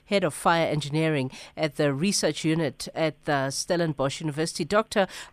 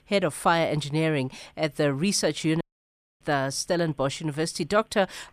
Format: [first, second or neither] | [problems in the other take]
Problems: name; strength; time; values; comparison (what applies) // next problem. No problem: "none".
first | audio cutting out; at 2.5 s for 0.5 s